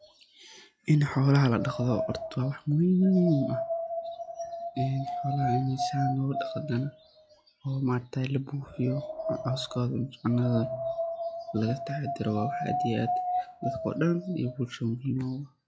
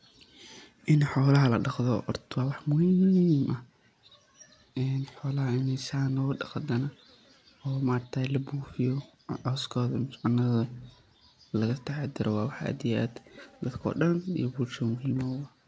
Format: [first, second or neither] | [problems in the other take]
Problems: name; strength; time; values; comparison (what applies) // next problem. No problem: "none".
second | noise reduction (classical method log-MMSE)